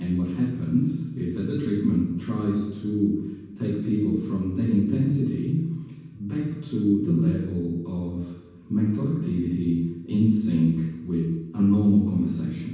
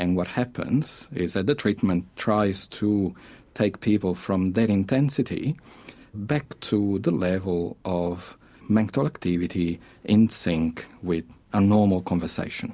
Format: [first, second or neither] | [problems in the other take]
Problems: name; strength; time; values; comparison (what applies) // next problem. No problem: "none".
second | room echo; dies away in 1.2 s